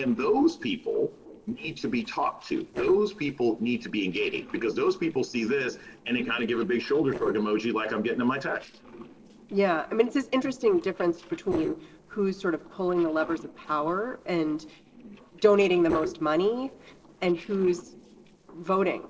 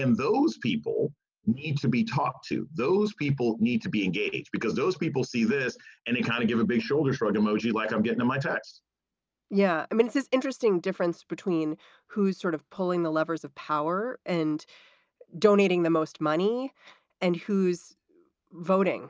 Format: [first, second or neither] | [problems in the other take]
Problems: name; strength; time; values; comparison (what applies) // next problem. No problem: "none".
second | noise reduction (neural separator model SepFormer DNS4)